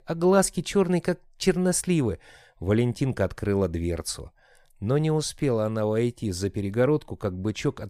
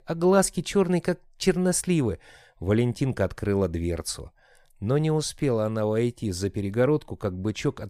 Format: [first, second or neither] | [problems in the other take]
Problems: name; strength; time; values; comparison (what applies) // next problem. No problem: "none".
neither | none